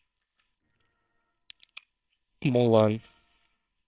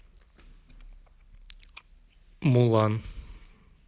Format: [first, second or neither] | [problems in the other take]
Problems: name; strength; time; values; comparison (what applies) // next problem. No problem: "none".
second | noise reduction (neural separator model SepFormer WHAMR!)